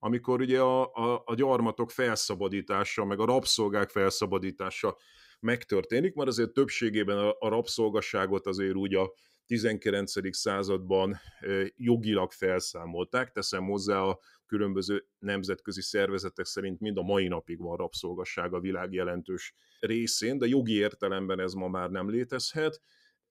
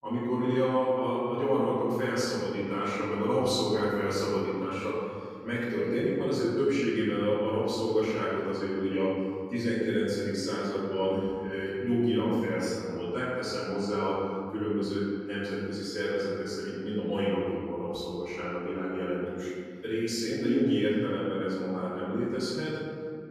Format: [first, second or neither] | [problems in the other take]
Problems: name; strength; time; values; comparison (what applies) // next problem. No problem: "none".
first | off-mic speech; far // room echo; strong; dies away in 2.2 s